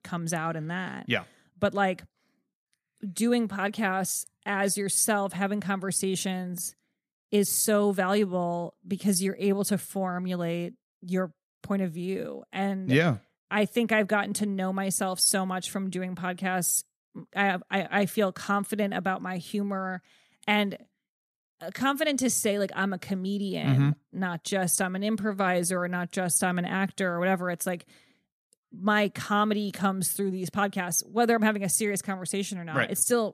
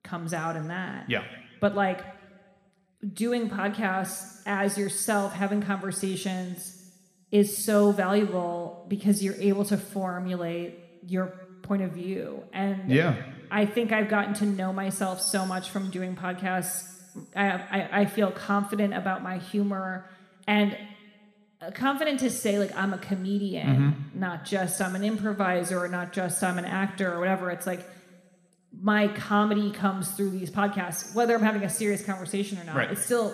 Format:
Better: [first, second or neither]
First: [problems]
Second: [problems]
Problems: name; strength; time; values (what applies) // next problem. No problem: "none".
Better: first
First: none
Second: room echo; slight; dies away in 1.4 s